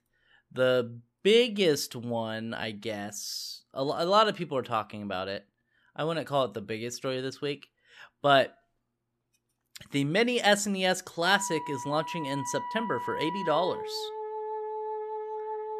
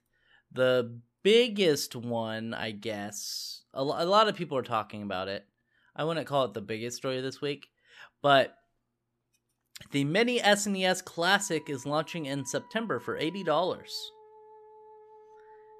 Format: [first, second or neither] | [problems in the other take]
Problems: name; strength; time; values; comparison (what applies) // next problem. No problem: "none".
second | background music; loud; from 10 s on; 8 dB below the speech; faint in the second